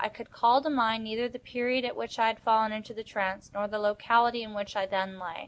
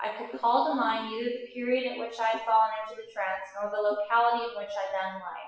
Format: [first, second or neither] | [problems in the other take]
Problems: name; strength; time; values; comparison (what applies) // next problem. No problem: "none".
first | noise reduction (classical method WPE with log-MMSE)